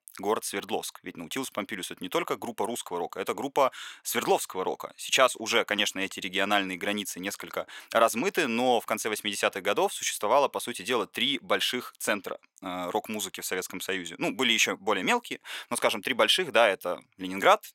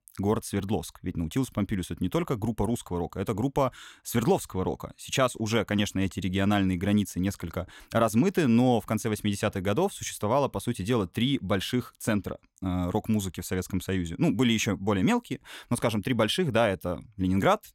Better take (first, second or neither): second